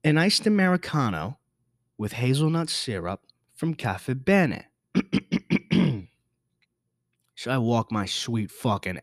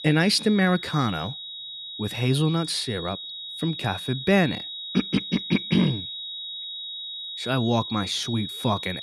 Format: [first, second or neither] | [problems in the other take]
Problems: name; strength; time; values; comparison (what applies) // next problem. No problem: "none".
first | high-pitched whine; loud; throughout; 4 kHz, 8 dB below the speech